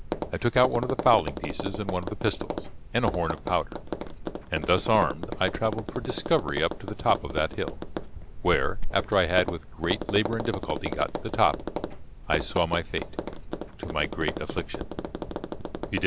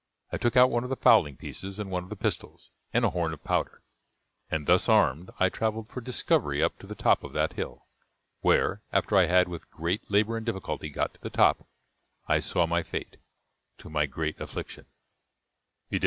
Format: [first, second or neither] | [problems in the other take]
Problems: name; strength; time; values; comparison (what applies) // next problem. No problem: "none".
second | background sound (Tap); 5 dB below the speech